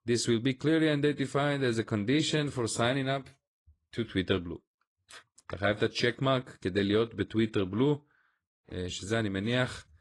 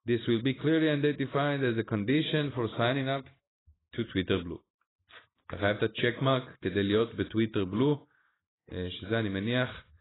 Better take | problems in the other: first | garbled, watery; badly; nothing above 4 kHz; slightly in the first

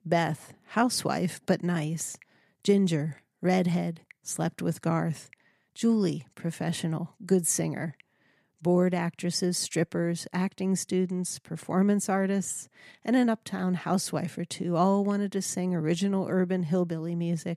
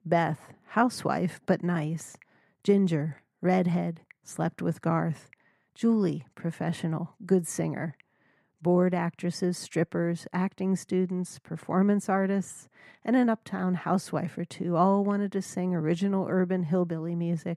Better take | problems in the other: first | muffled; slightly; fading above 2.5 kHz

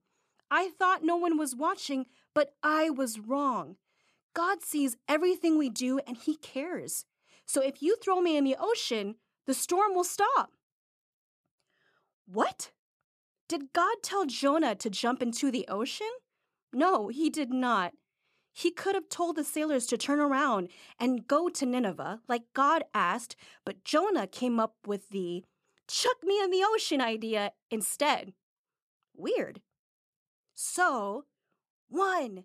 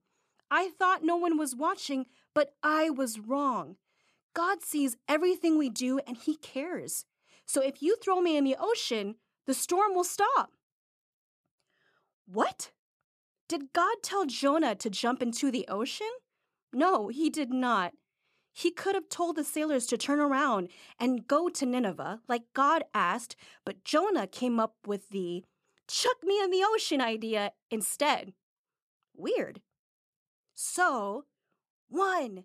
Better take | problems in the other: neither | none

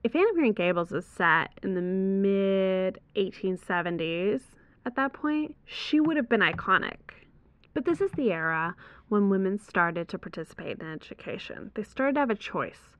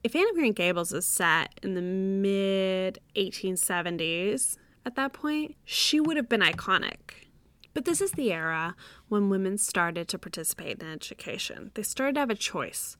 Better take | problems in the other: second | muffled; very; fading above 1.5 kHz

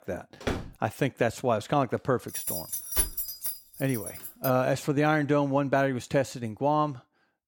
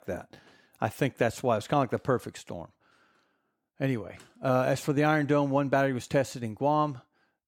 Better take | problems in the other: second | door banging; noticeable; at 0.5 s; peak 6 dB below the speech // jangling keys; loud; from 2.5 to 4.5 s; peak 1 dB above the speech

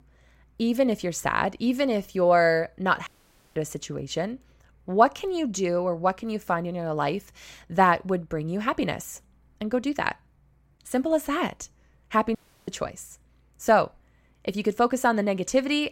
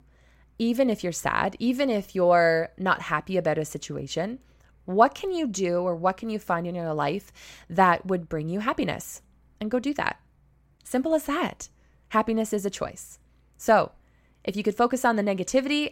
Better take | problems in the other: second | audio cutting out; at 3 s and at 12 s

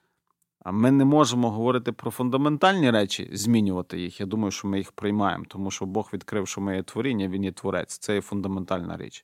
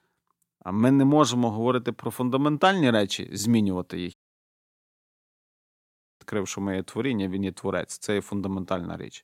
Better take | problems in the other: first | audio cutting out; at 4 s for 2 s

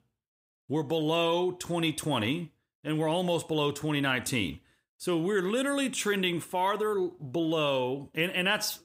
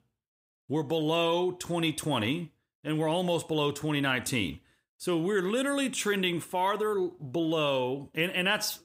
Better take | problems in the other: neither | none

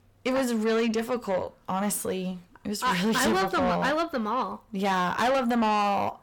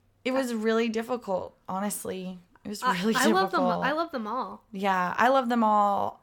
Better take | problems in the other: second | distortion; heavy; 8 dB below the speech

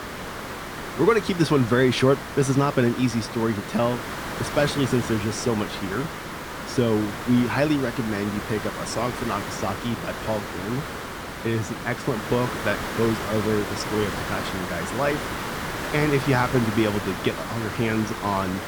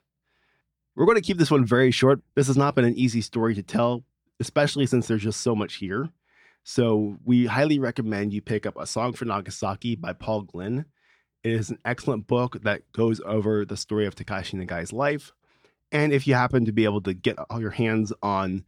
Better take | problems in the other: second | hiss; loud; throughout; 6 dB below the speech

